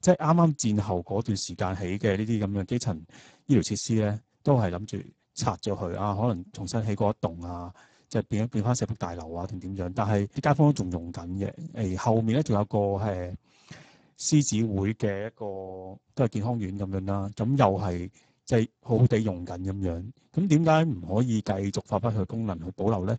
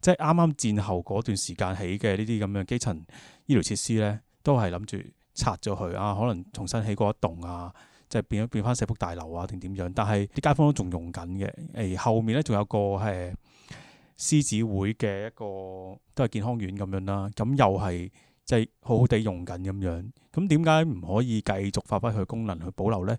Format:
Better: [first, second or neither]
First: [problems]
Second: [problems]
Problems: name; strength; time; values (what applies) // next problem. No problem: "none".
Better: second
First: garbled, watery; badly; nothing above 7.5 kHz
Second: none